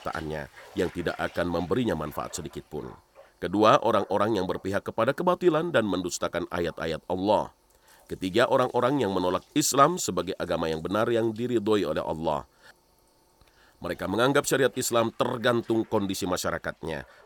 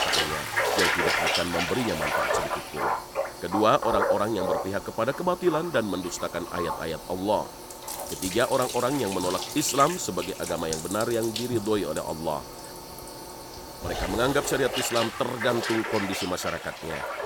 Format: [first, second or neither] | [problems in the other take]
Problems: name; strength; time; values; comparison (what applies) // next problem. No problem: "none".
first | household noises; loud; throughout; 3 dB below the speech; faint in the first